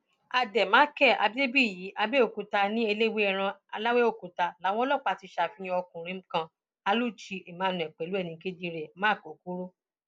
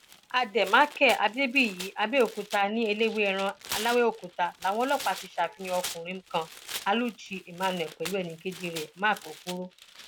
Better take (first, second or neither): first